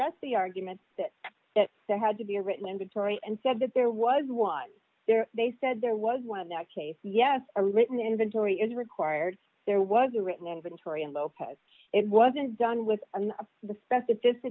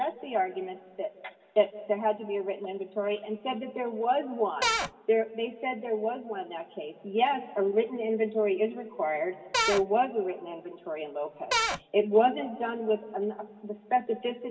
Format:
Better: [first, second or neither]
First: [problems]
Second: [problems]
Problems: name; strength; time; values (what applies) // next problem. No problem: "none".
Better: first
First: none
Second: background sound (Cupboard open or close / Door); 2 dB above the speech // room echo; dies away in 1.5 s